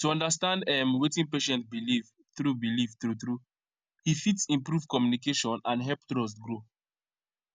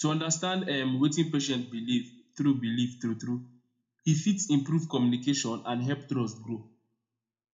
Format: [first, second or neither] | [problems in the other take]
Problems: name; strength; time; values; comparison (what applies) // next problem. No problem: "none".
first | room echo; dies away in 0.3 s